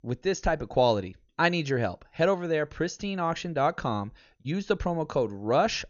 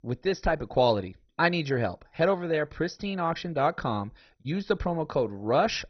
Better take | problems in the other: first | garbled, watery; badly; nothing above 6 kHz; slightly in the first

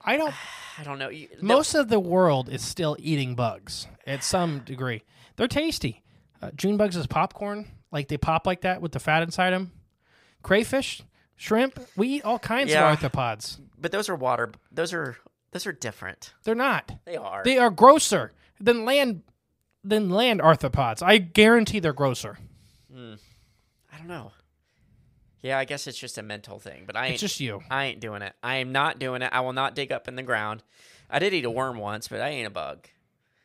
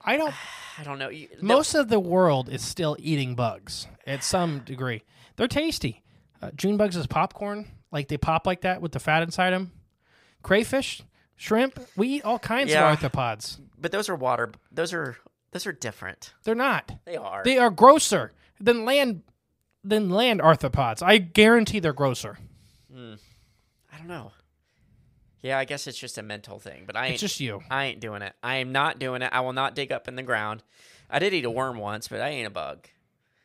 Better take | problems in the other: neither | none

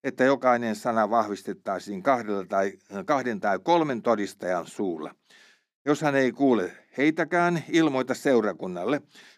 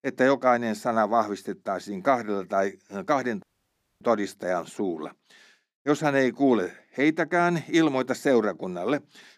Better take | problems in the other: first | audio cutting out; at 3.5 s for 0.5 s

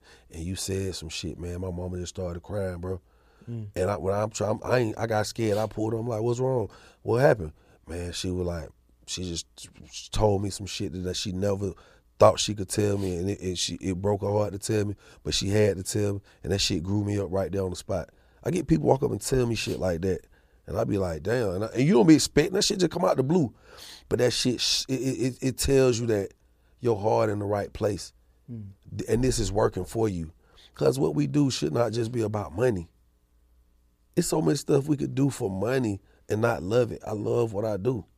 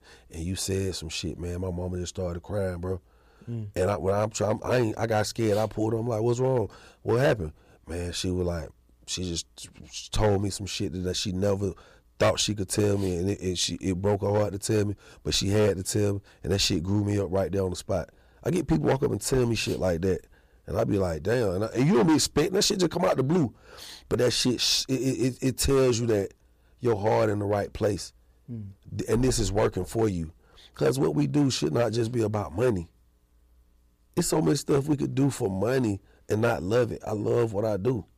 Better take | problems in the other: first | distortion; slight; 4% of the sound clipped

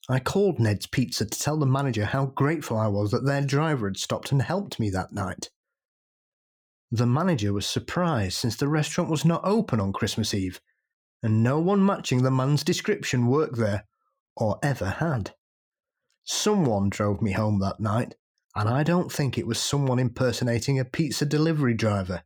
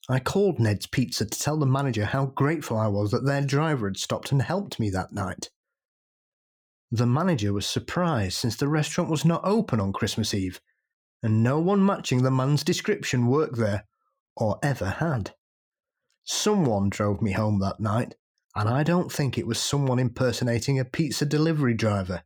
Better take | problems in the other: neither | none

